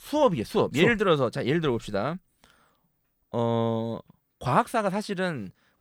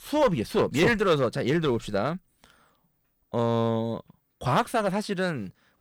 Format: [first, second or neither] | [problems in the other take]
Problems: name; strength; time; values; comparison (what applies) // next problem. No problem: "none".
first | distortion; slight; 3% of the sound clipped